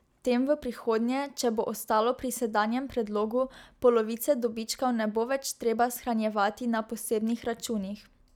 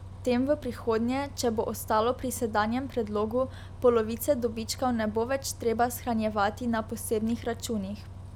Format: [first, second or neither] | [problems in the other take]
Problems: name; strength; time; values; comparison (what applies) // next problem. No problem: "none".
first | background sound (Bus); 13 dB below the speech